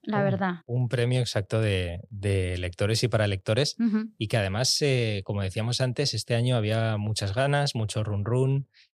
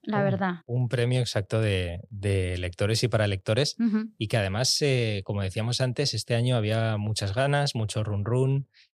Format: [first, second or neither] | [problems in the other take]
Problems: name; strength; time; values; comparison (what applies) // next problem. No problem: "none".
neither | none